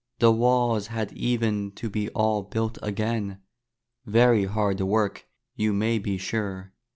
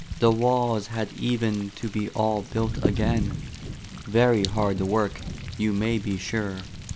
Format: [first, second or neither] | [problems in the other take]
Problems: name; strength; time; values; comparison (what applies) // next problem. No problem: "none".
first | background sound (Thunder); 8 dB below the speech